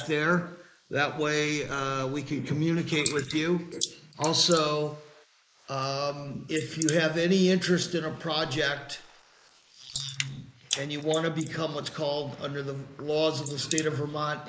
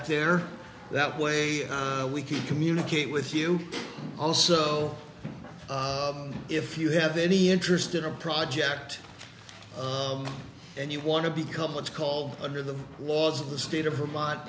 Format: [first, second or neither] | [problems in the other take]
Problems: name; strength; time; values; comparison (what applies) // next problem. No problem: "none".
second | noise reduction (neural mask model Resemble Enhance denoiser)